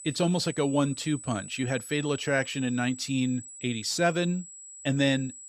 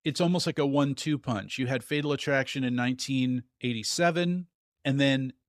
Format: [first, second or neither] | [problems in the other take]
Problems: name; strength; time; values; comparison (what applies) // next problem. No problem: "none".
second | high-pitched whine; noticeable; throughout; 8 kHz, 15 dB below the speech